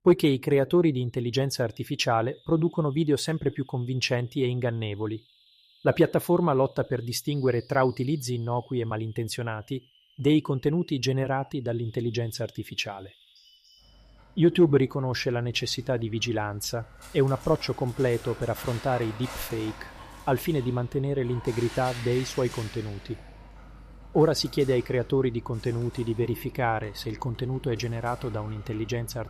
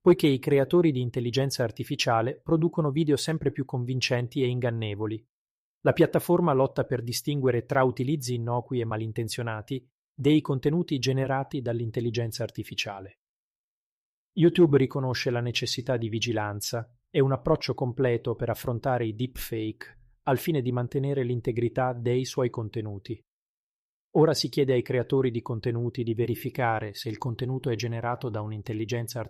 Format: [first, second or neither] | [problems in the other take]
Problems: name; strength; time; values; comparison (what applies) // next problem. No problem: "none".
second | animal sounds; noticeable; throughout; 20 dB below the speech